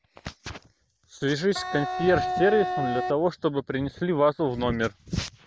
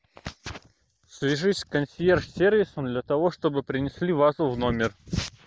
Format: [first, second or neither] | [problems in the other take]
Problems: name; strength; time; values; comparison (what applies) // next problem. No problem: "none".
second | background sound (Wind instrument, woodwind instrument); 3 dB below the speech